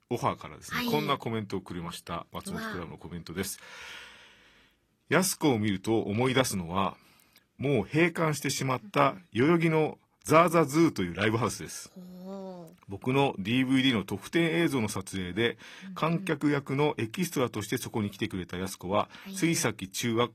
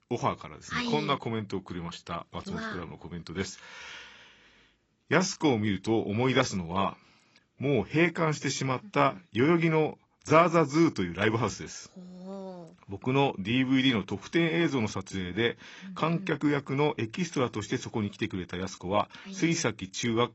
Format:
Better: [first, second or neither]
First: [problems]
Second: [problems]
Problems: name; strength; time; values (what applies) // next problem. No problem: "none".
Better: first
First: garbled, watery; slightly; nothing above 14.5 kHz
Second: garbled, watery; badly; nothing above 7.5 kHz